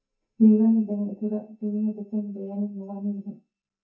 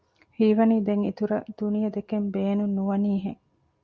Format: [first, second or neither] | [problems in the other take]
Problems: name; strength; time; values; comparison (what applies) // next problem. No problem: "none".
second | noise reduction (neural mask model DeepFilterNet 3)